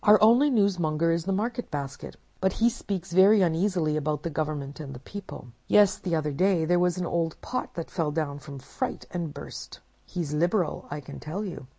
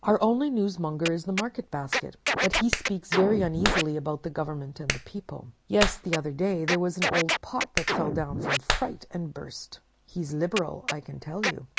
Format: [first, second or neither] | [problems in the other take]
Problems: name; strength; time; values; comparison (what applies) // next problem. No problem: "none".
first | background sound (Scratching (performance technique) + Clapping); 3 dB below the speech